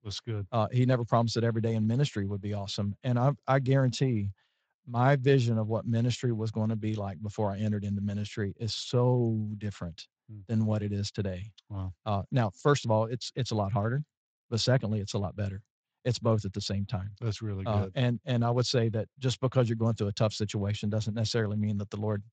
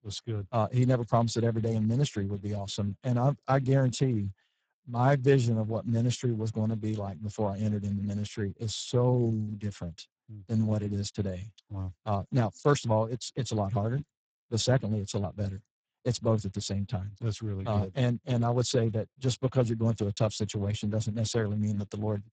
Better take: first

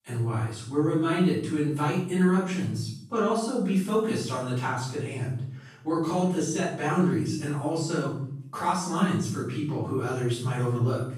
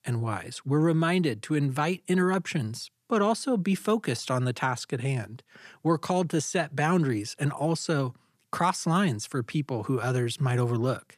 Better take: second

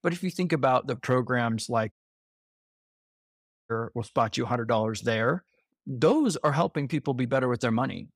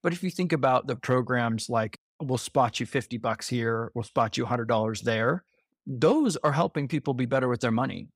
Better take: second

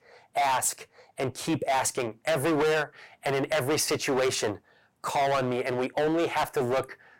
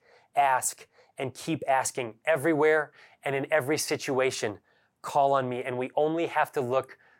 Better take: second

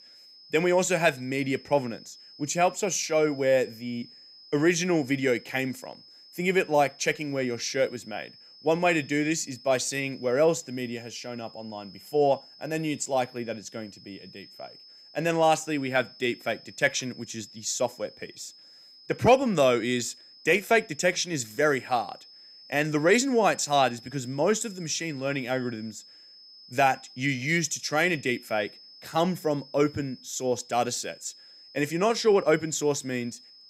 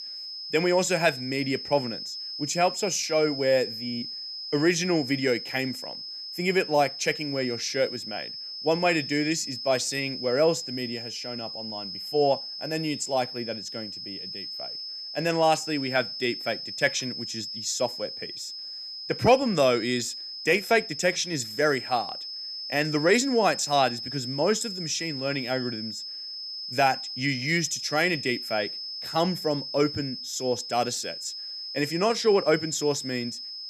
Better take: first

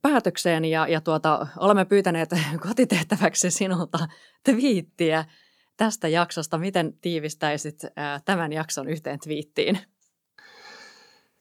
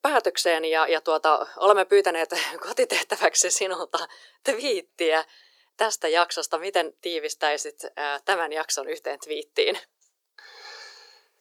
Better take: first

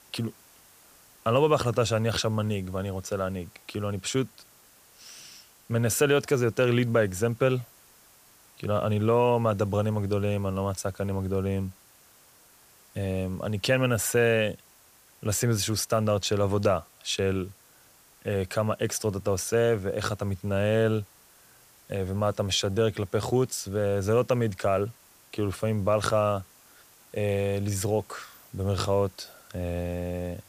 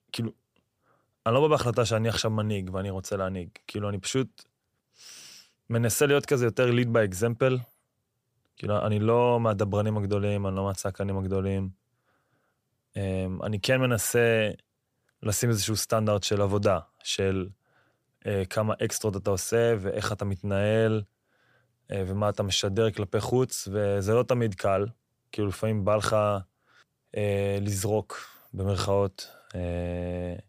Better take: second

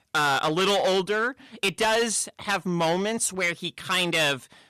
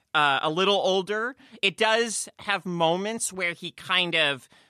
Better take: second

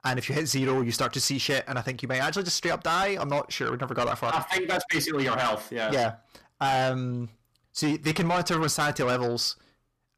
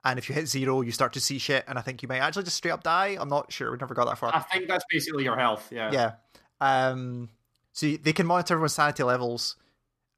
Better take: second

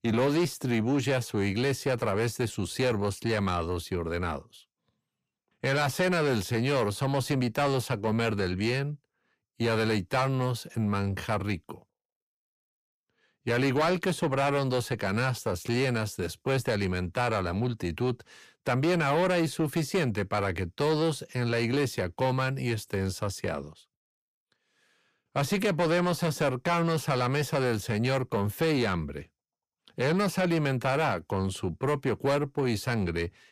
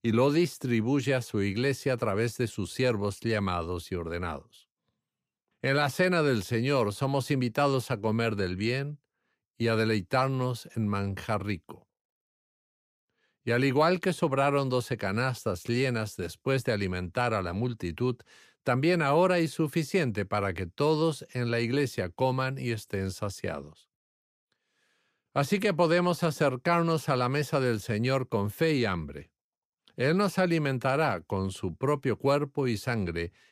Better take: second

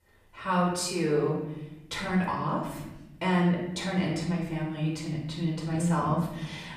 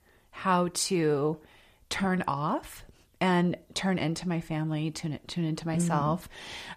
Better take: second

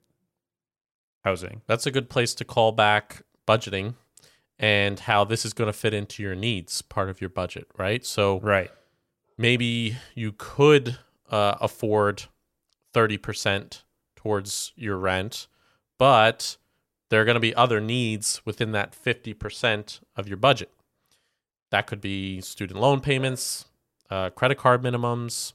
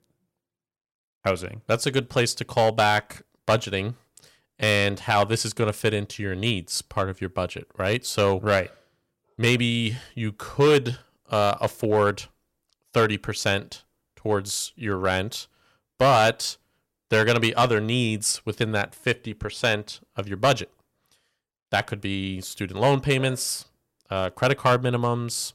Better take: first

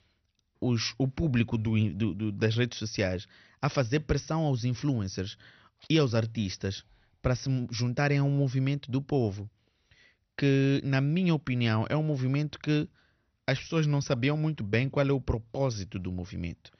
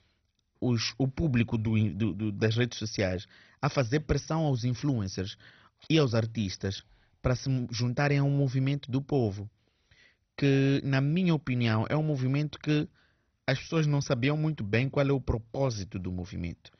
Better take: first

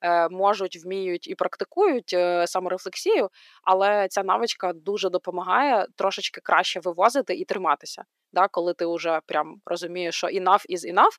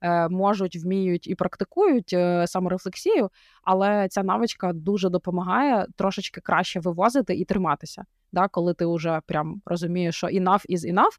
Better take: second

